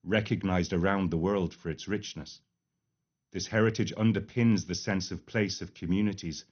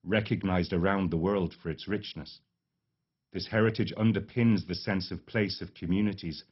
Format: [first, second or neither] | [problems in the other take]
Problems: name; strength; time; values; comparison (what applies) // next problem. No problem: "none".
first | garbled, watery; badly; nothing above 5.5 kHz; slightly in the first